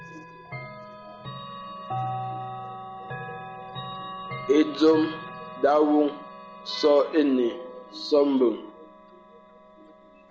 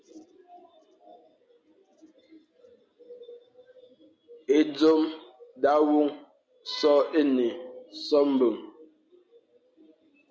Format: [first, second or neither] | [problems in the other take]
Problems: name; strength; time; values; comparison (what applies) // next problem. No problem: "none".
second | background sound (Chime / Clock); 12 dB below the speech